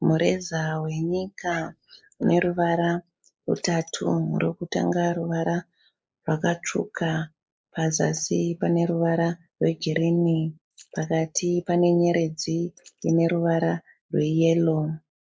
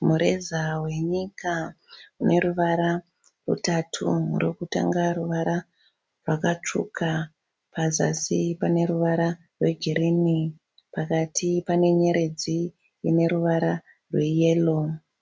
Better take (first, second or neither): second